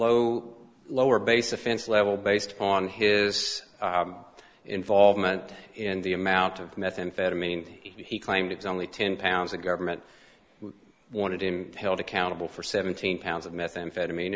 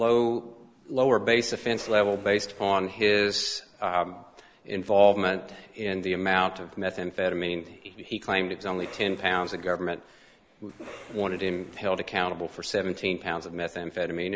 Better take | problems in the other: first | background sound (Cough); 18 dB below the speech

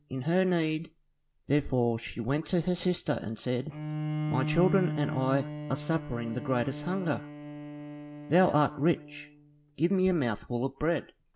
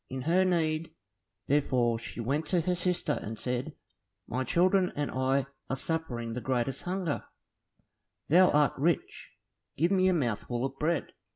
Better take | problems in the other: second | background sound (Bowed string instrument); 9 dB below the speech

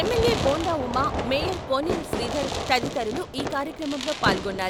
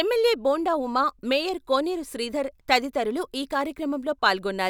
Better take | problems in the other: second | background sound (Fireworks); 3 dB below the speech

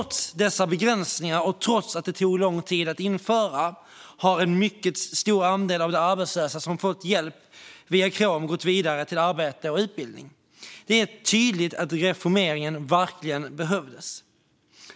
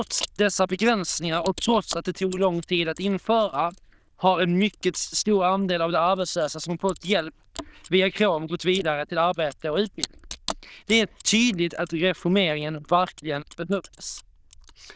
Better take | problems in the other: first | noise reduction (neural diffusion model UNIVERSE++)

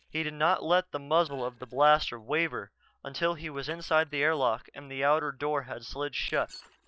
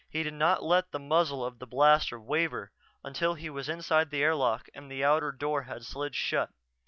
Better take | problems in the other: second | noise reduction (neural separator model SepFormer DNS4)

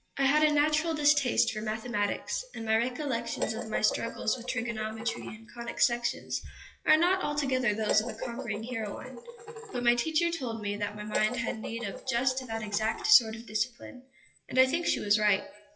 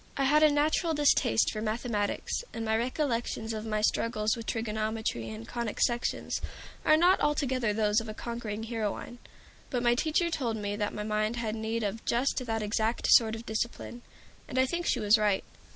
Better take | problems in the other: second | noise reduction (classical method WPE with log-MMSE)

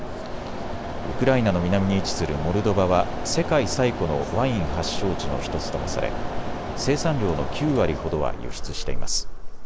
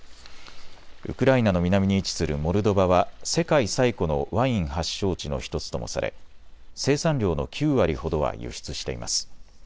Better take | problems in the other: second | background sound (Mechanisms); 2 dB below the speech

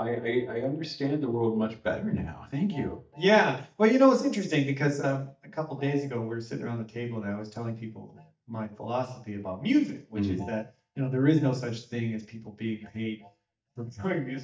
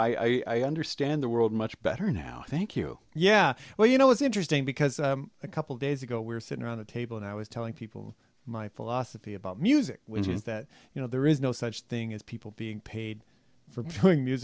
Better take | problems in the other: second | noise reduction (neural mask model DeepFilterNet 3)

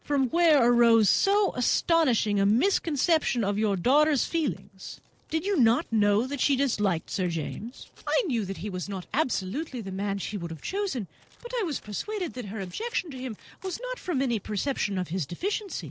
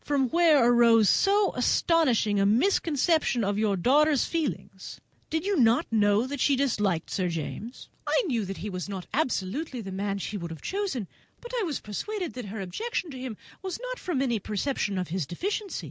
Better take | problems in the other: second | noise reduction (neural separator model SepFormer DNS4)

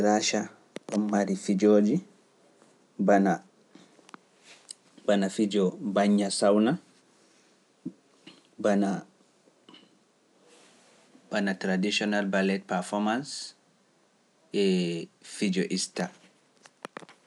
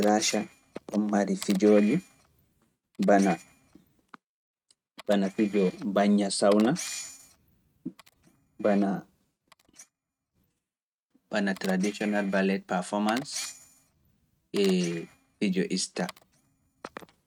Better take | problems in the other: first | noise reduction (neural mask model RNNoise)

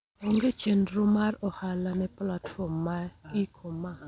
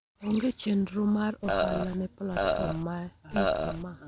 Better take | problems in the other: first | background sound (Burping, eructation); 2 dB above the speech

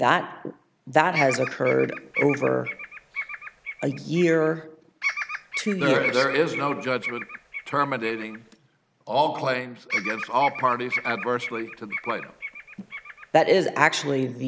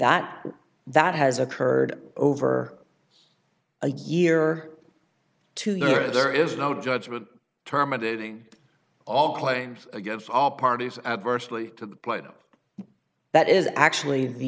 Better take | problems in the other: second | background sound (Bird vocalization, bird call, bird song); 8 dB below the speech

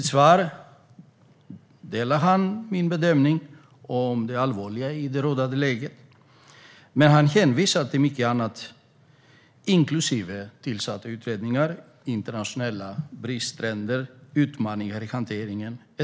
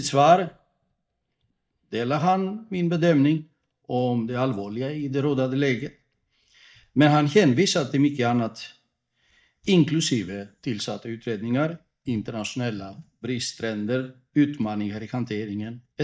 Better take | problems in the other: first | noise reduction (neural mask model DeepFilterNet 3)

